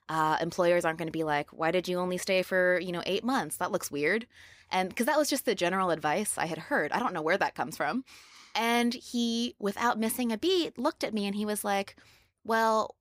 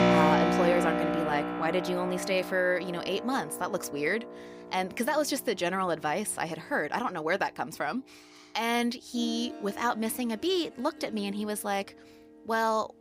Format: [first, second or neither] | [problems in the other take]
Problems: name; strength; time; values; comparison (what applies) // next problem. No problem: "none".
first | background music; loud; throughout; 1 dB below the speech